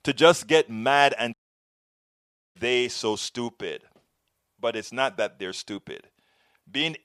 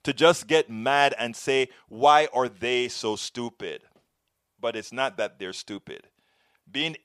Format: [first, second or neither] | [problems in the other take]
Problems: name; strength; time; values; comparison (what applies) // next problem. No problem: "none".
second | audio cutting out; at 1.5 s for 1 s